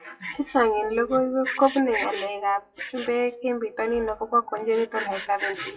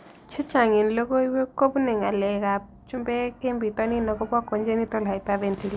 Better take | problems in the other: second | noise reduction (classical method WPE with log-MMSE)

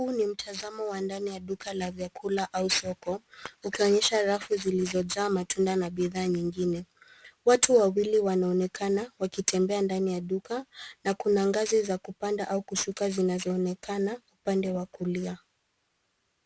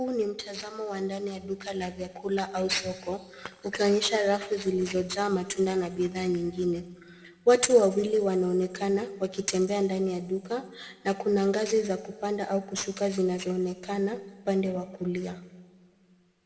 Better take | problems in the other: first | room echo; dies away in 1.5 s

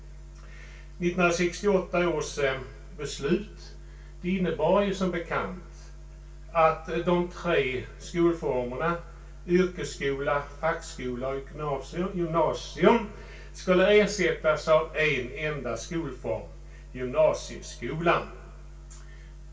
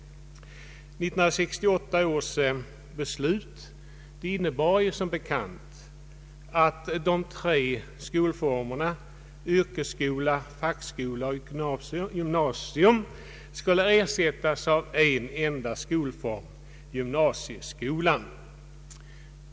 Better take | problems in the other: second | room echo; dies away in 0.2 s

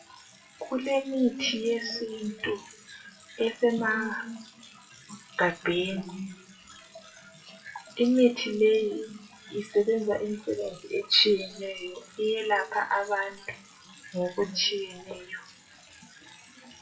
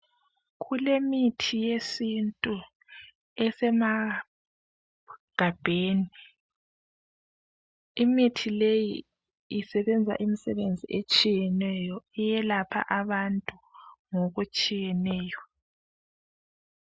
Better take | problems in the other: second | noise reduction (classical method WPE with log-MMSE)

